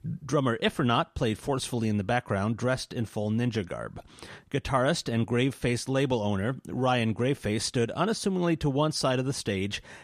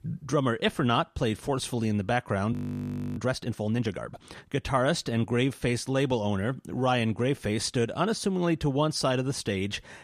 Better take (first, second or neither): first